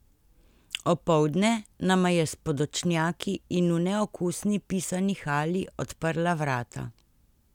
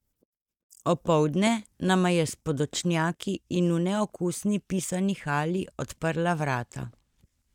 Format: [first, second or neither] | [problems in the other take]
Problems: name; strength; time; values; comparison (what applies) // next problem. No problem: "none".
first | noise reduction (neural mask model DeepFilterNet 3)